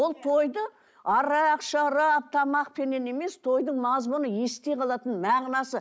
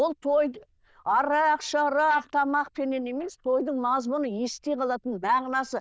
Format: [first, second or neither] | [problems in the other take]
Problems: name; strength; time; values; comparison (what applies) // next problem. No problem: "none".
first | noise reduction (neural diffusion model UNIVERSE++)